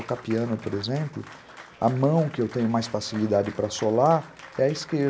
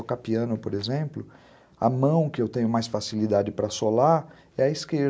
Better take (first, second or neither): second